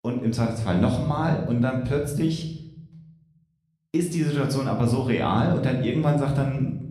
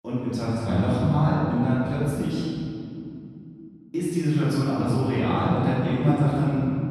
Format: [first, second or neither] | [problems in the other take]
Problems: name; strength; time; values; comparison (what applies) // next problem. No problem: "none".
first | room echo; strong; dies away in 2.6 s; slight in the first // off-mic speech; far; somewhat distant in the first